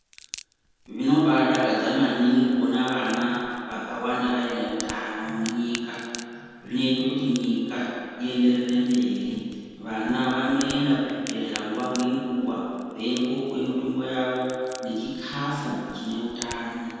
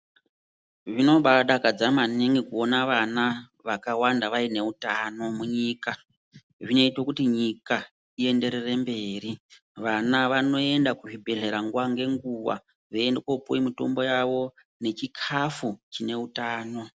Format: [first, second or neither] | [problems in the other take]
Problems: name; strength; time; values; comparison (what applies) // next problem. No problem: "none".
second | background sound (Crack); 19 dB below the speech // room echo; dies away in 2 s